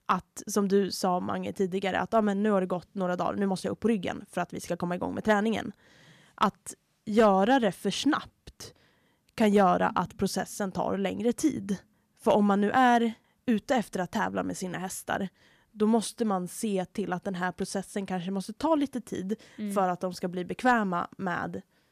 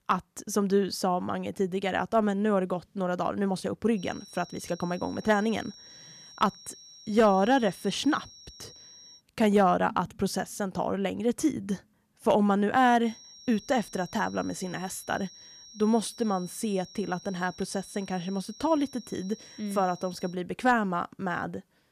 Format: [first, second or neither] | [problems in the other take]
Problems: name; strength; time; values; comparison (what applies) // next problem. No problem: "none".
first | high-pitched whine; noticeable; from 4 to 9 s and from 13 to 20 s; 5.5 kHz, 20 dB below the speech